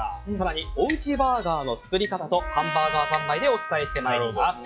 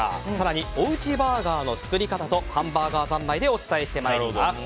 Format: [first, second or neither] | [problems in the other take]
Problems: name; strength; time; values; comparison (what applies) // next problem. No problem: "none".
second | noise reduction (classical method log-MMSE)